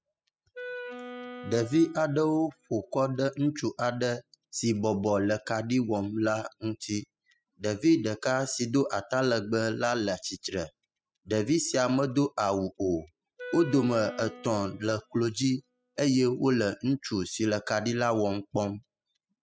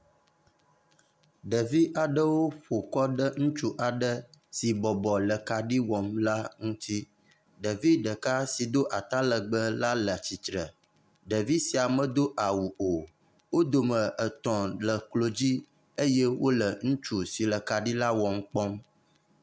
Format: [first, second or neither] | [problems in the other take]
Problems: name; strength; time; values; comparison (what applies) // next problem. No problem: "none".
second | noise reduction (classical method spectral subtraction)